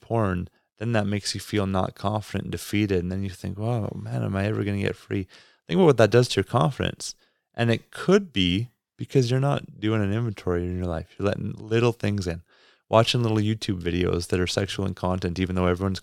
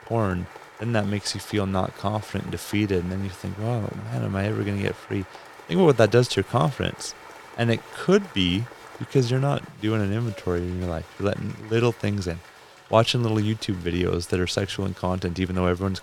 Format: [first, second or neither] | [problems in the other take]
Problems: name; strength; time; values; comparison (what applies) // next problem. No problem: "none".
first | crowd noise; noticeable; throughout; 20 dB below the speech